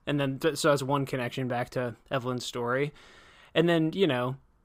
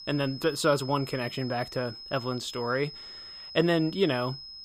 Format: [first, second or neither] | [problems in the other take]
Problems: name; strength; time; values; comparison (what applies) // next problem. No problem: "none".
first | high-pitched whine; noticeable; throughout; 5 kHz, 10 dB below the speech